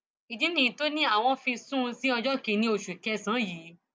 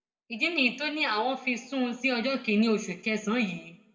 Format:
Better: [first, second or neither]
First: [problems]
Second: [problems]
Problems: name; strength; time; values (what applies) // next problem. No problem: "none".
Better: first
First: none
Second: room echo; dies away in 0.4 s